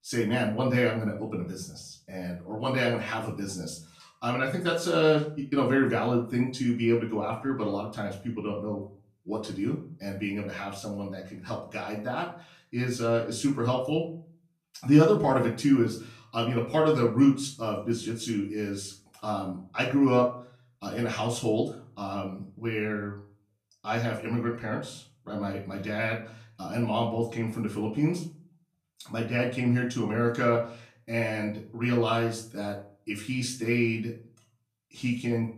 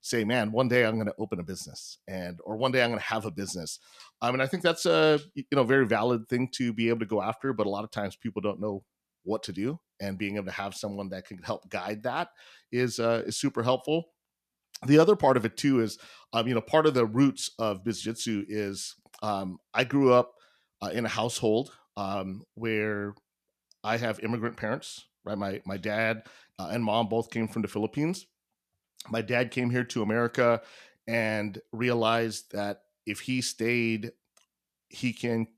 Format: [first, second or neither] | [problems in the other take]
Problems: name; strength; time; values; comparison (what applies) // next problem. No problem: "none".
second | off-mic speech; far // room echo; slight; dies away in 0.4 s